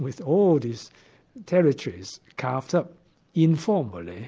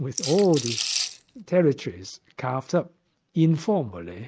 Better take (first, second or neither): first